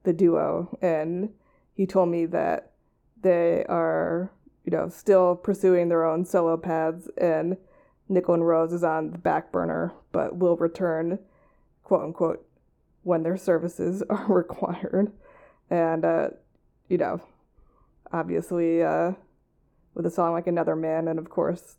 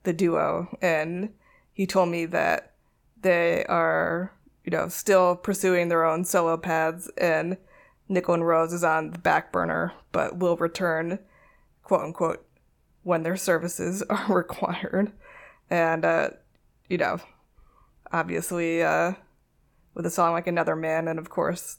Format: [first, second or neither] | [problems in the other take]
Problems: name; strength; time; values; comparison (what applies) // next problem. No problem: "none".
second | muffled; slightly; fading above 1.5 kHz